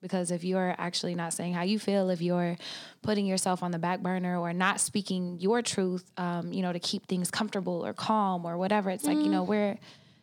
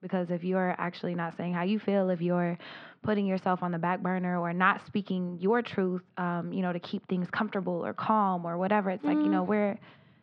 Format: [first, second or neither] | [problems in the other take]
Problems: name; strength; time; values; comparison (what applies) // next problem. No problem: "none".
first | muffled; very; fading above 2.5 kHz